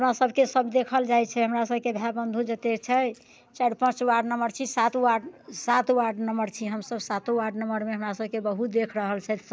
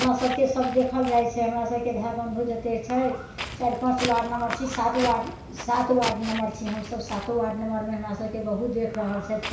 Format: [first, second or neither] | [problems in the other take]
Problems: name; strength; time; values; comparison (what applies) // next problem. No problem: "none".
first | background sound (Walk, footsteps); 11 dB below the speech // room echo; dies away in 0.6 s